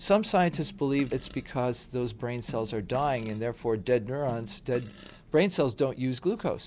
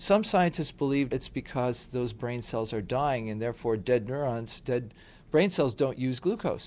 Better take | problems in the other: second | background sound (Fart); 19 dB below the speech

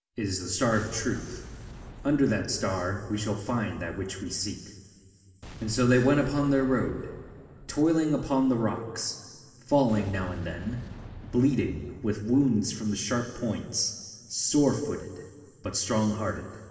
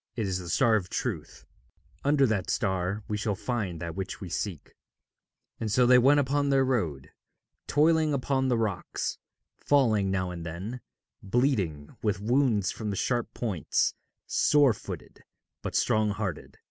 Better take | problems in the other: second | background sound (Boom); 18 dB below the speech // room echo; dies away in 2.6 s

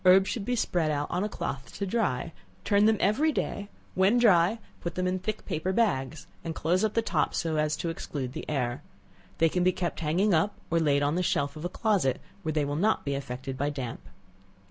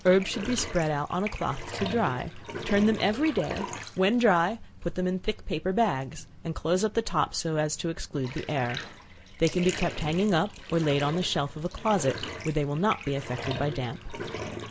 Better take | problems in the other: first | background sound (Bathtub (filling or washing)); 12 dB below the speech

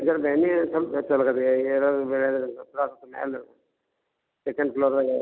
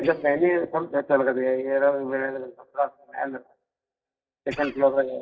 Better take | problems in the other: first | noise reduction (neural mask model DeepFilterNet 3)

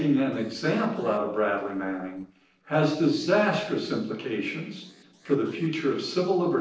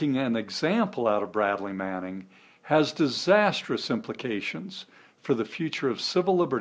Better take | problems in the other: second | noise reduction (neural separator model SepFormer DNS4)

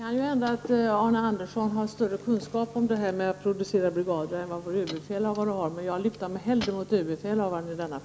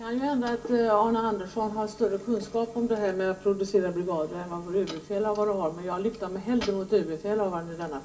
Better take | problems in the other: first | room echo; dies away in 0.2 s

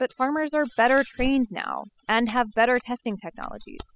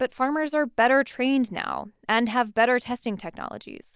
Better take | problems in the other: second | noise reduction (classical method spectral subtraction)

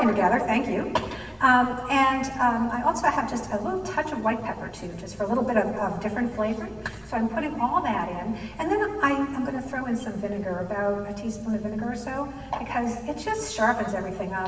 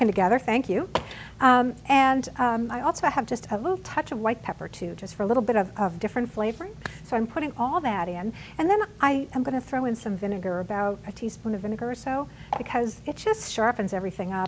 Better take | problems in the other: second | room echo; dies away in 1.4 s

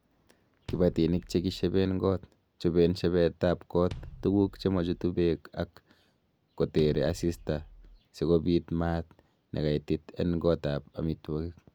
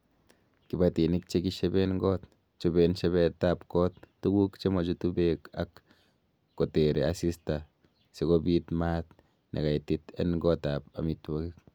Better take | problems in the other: second | background sound (Bass drum); 18 dB below the speech

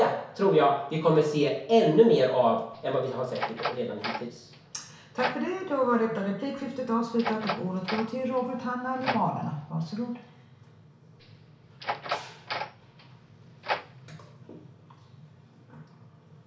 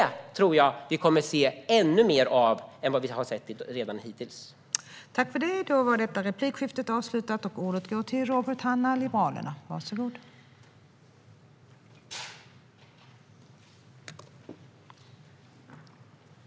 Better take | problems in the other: second | background sound (Door); 9 dB below the speech // room echo; dies away in 0.6 s

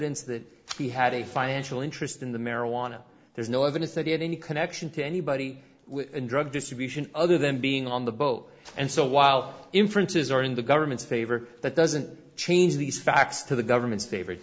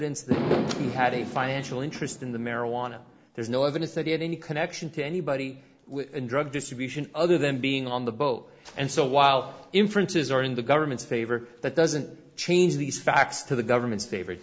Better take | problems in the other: first | background sound (Fireworks); 5 dB below the speech

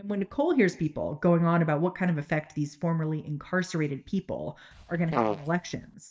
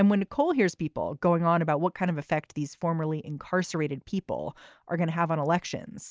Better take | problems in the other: second | noise reduction (neural mask model DeepFilterNet 3)

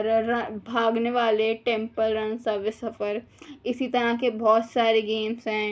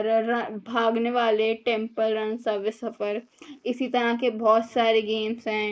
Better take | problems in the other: first | noise reduction (neural mask model Resemble Enhance denoiser)

